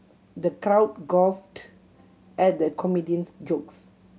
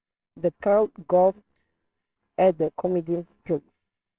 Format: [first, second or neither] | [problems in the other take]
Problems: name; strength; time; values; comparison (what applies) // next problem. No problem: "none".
first | noise reduction (neural separator model SepFormer WHAMR!)